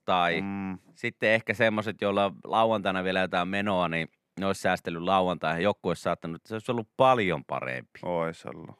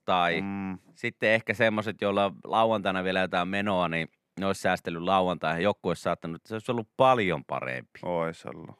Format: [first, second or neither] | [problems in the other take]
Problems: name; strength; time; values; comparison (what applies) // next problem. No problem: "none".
neither | none